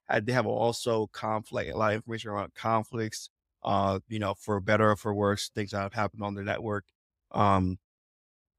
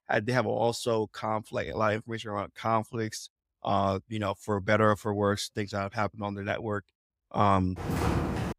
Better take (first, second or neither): first